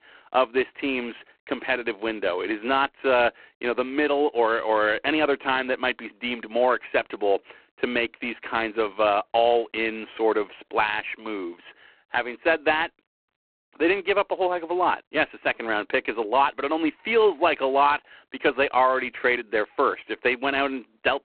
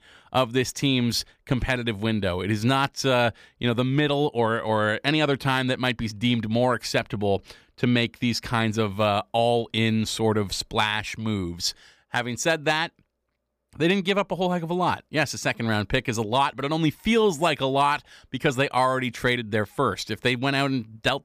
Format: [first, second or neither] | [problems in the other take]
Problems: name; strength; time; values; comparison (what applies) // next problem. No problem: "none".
second | phone-call audio; poor line